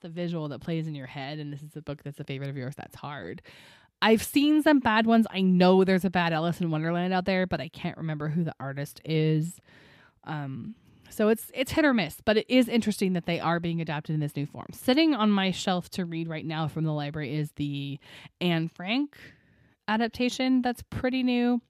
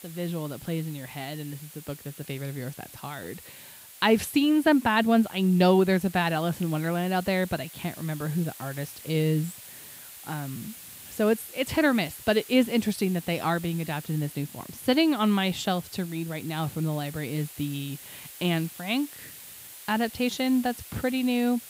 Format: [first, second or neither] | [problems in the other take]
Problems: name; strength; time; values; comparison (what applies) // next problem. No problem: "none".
first | hiss; noticeable; throughout; 15 dB below the speech